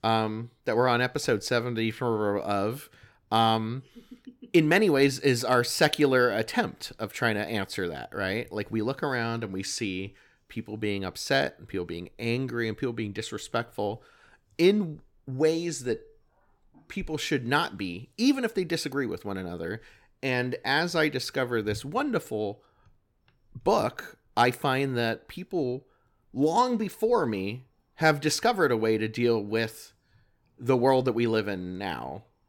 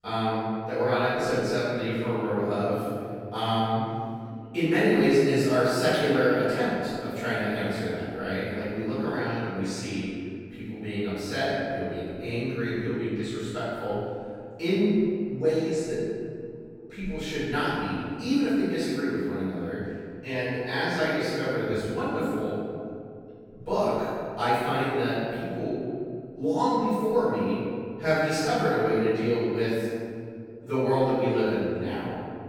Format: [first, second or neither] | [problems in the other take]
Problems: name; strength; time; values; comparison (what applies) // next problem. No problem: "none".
first | off-mic speech; far // room echo; strong; dies away in 2.4 s